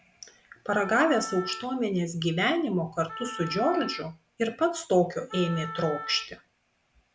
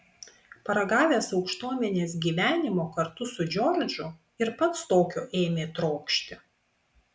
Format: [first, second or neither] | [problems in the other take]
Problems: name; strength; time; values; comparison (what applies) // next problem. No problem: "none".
second | background sound (Wind instrument, woodwind instrument); 13 dB below the speech